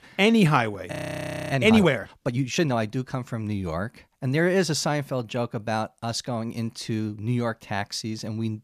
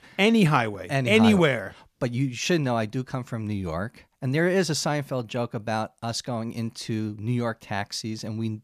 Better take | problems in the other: second | audio freezing; at 1 s for 0.5 s

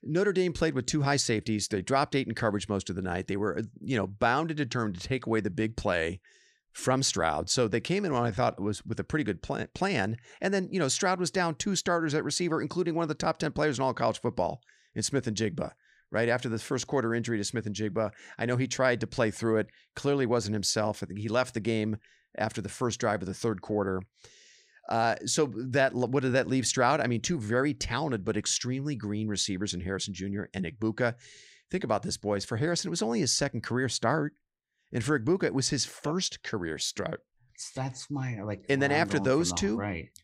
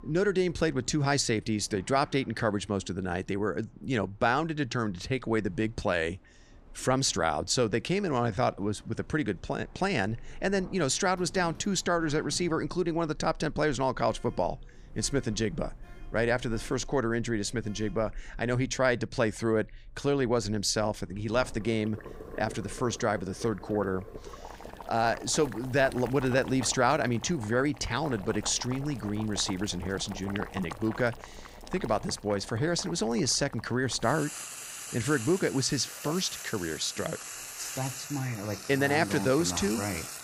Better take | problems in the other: first | household noises; noticeable; throughout; 15 dB below the speech

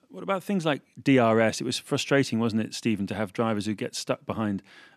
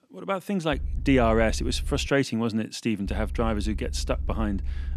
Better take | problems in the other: first | low rumble; faint; from 0.5 to 2 s and from 3 s on; 25 dB below the speech

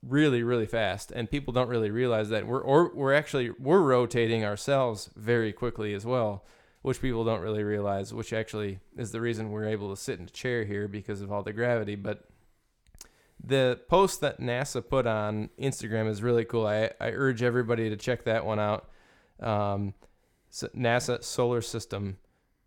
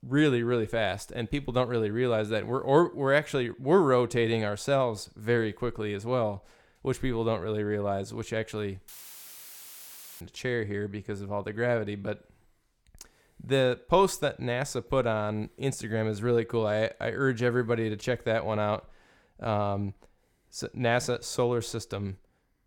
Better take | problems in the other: first | audio cutting out; filled with static; at 9 s for 1.5 s

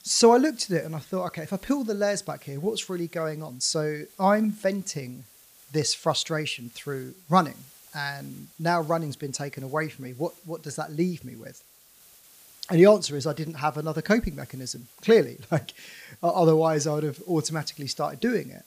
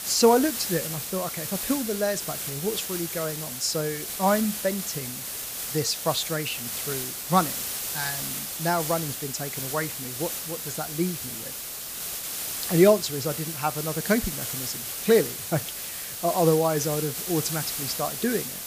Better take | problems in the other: first | hiss; loud; throughout; 3 dB below the speech; faint in the first

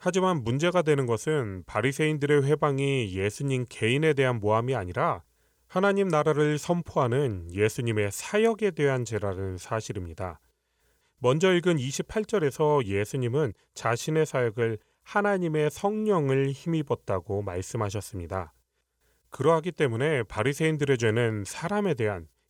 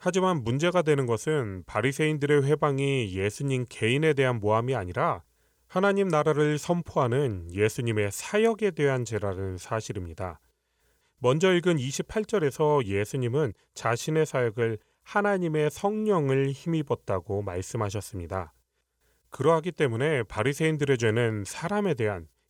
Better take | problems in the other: neither | none

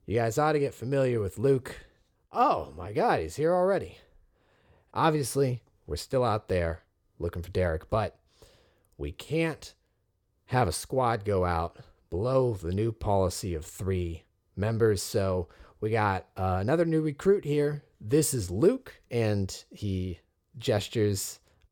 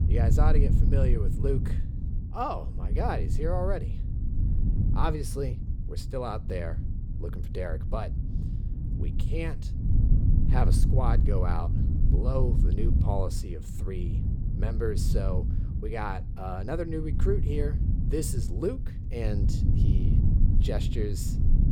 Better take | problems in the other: first | wind noise on the microphone; heavy; 7 dB below the speech

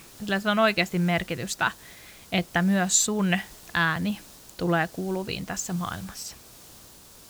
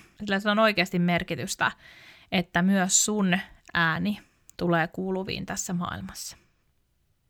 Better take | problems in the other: second | hiss; faint; throughout; 20 dB below the speech

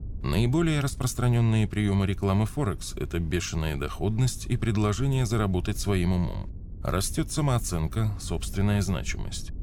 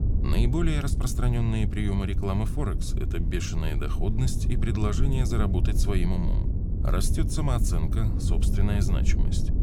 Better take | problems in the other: first | low rumble; loud; throughout; 7 dB below the speech; faint in the first

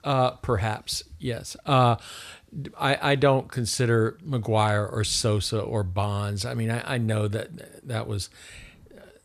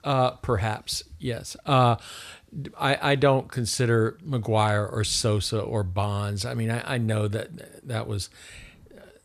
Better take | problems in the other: neither | none

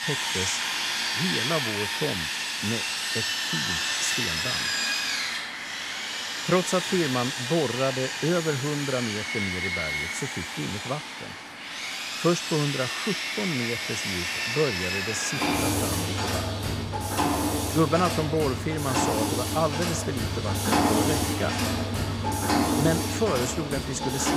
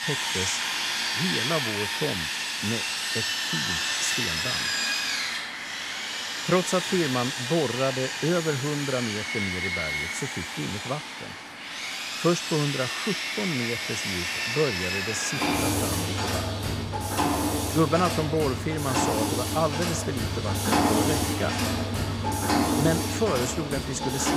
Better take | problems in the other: neither | machinery noise; very loud; throughout; 2 dB above the speech; the same in both

